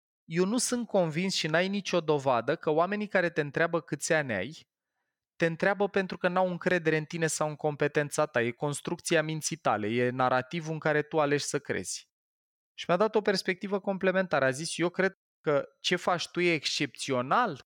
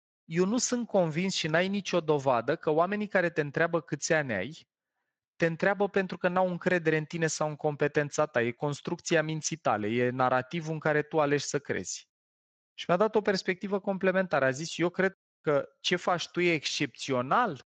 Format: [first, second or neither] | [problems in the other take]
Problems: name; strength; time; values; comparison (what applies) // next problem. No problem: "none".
first | garbled, watery; slightly; nothing above 7.5 kHz